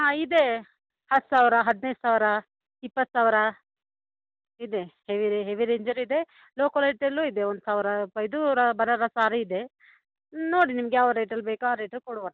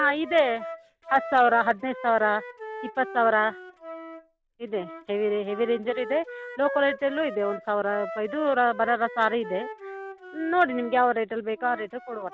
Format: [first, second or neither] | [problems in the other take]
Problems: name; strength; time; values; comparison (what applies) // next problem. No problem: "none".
first | background sound (Wind instrument, woodwind instrument); 13 dB below the speech